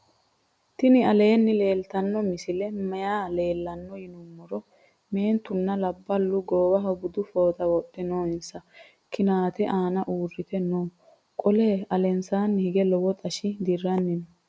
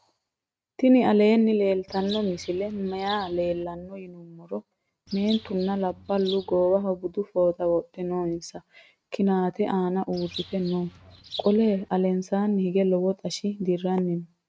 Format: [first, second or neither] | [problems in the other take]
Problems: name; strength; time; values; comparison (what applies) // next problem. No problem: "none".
first | noise reduction (neural mask model RNNoise)